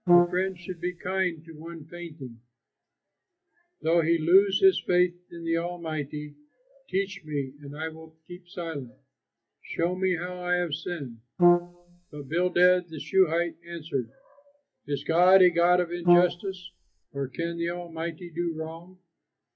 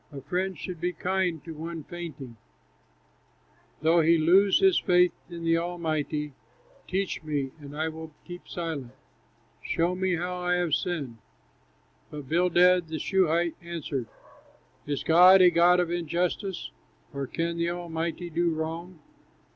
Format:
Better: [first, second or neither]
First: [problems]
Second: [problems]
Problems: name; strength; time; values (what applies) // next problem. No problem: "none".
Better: second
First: noise reduction (classical method WPE with log-MMSE)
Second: none